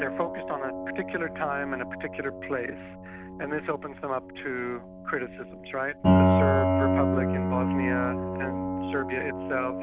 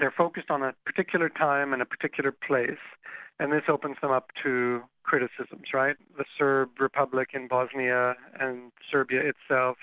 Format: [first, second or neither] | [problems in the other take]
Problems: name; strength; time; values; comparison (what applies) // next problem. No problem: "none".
second | background sound (Piano); 5 dB above the speech